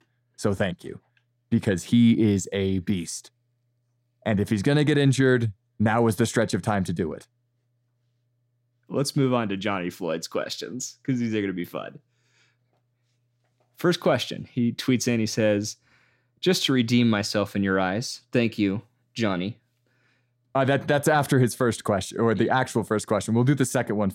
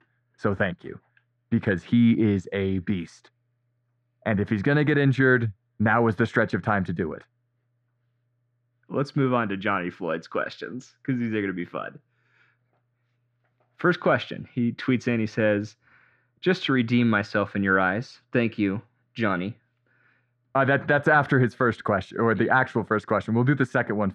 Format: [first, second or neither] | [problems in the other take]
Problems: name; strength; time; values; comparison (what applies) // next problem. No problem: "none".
first | muffled; very; fading above 2.5 kHz